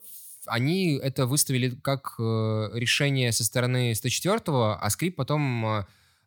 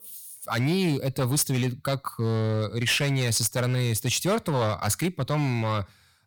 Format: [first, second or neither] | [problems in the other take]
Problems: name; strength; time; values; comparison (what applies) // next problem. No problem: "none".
first | distortion; slight; 9% of the sound clipped